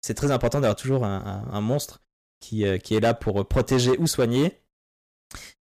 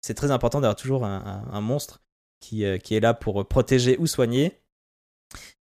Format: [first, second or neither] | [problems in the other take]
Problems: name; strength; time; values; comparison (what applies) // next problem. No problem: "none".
second | distortion; slight; 5% of the sound clipped